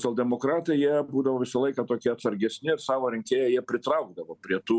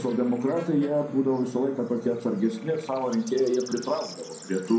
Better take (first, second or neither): first